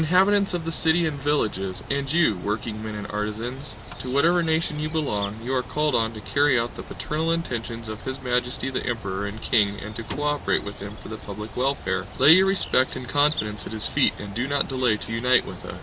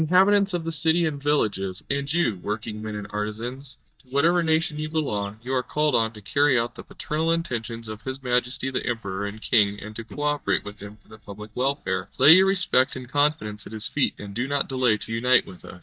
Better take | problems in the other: first | noise reduction (neural mask model DeepFilterNet 3)

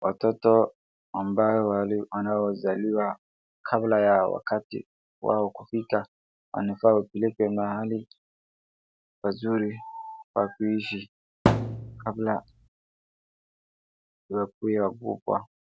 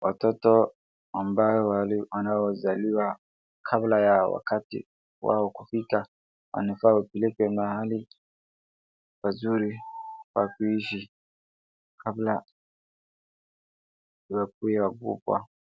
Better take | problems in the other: second | background sound (Thump, thud); 1 dB below the speech

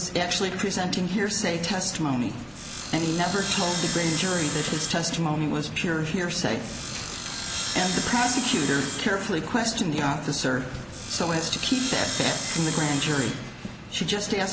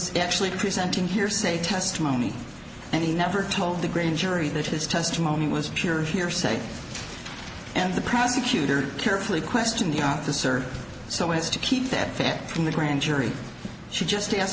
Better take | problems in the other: second | background sound (Sawing); 7 dB below the speech

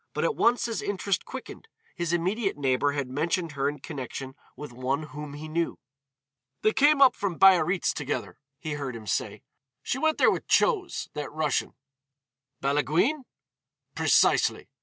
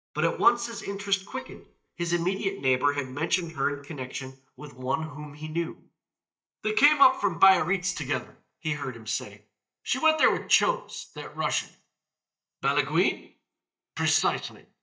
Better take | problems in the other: first | noise reduction (neural mask model DeepFilterNet 3)

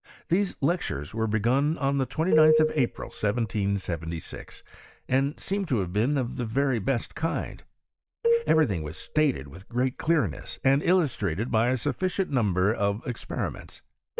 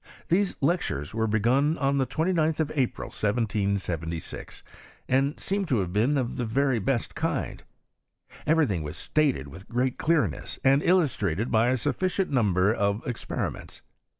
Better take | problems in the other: second | noise reduction (neural mask model DeepFilterNet 3)

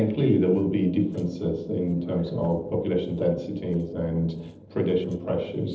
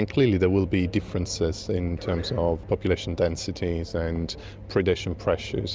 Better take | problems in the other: second | noise reduction (neural separator model SepFormer DNS4)

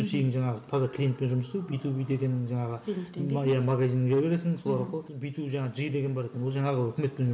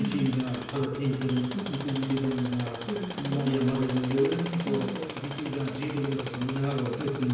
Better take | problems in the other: first | background sound (Tools); 10 dB below the speech // room echo; dies away in 0.8 s

